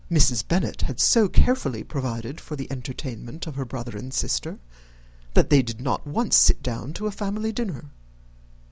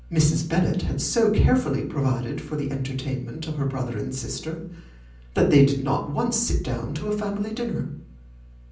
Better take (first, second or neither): first